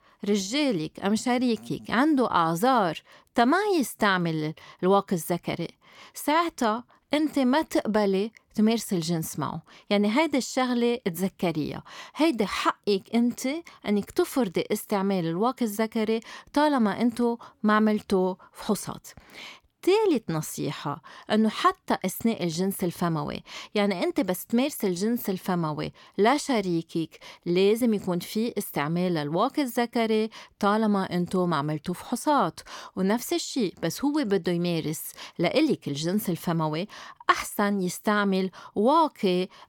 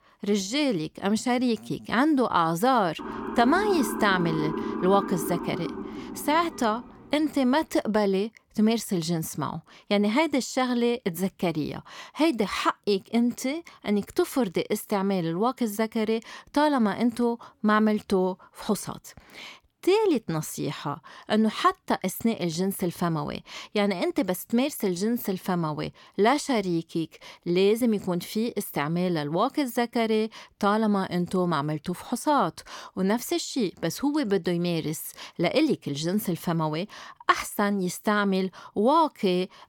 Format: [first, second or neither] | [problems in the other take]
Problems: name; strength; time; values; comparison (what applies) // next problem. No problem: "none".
first | siren; noticeable; from 3 to 7 s; peak 4 dB below the speech